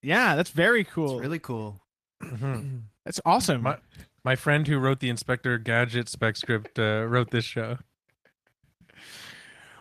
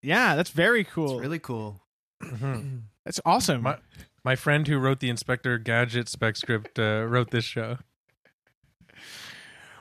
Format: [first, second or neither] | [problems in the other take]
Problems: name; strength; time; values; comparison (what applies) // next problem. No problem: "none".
second | garbled, watery; slightly; nothing above 14 kHz